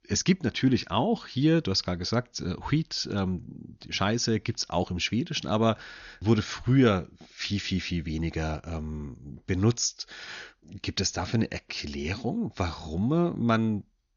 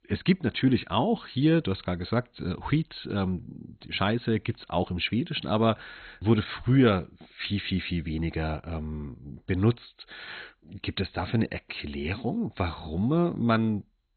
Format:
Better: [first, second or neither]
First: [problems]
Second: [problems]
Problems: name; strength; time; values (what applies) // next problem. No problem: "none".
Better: first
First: garbled, watery; slightly; nothing above 6.5 kHz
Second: garbled, watery; badly; nothing above 4 kHz